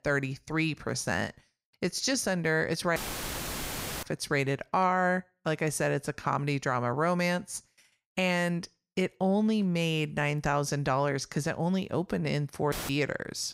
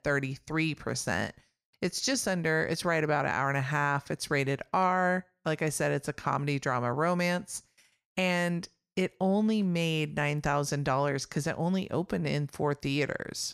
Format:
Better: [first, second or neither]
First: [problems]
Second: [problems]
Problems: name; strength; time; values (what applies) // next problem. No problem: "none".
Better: second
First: audio cutting out; filled with static; at 3 s for 1 s and at 13 s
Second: none